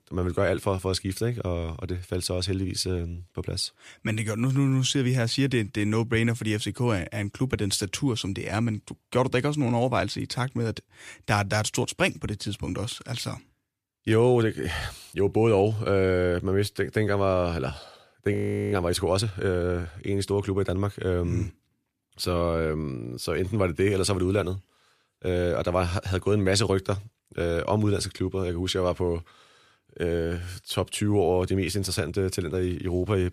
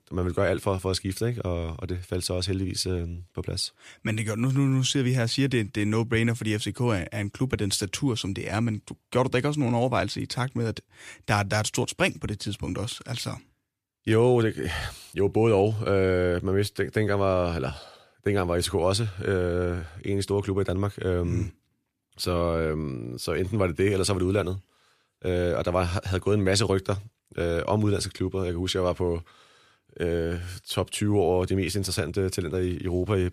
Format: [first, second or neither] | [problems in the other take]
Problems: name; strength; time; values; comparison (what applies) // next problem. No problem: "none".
second | audio freezing; at 18 s